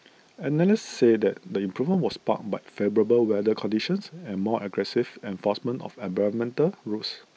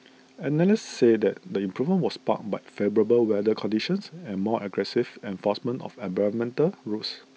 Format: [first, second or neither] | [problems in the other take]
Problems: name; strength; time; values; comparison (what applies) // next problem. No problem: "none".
second | noise reduction (neural mask model Resemble Enhance denoiser)